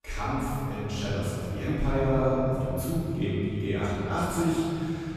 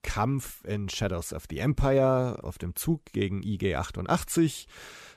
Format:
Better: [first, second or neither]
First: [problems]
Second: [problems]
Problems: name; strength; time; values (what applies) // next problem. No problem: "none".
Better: second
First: room echo; strong; dies away in 2.7 s // off-mic speech; far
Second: none